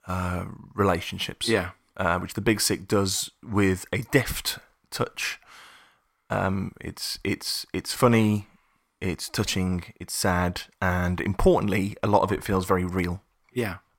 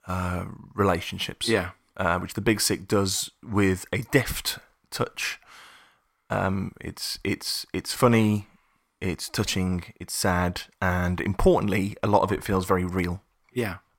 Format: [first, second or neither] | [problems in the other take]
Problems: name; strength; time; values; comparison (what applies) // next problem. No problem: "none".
neither | none